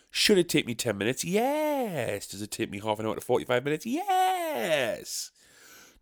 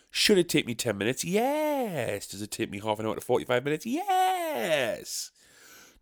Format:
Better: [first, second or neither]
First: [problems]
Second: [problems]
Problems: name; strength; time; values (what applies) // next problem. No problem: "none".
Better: neither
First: none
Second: none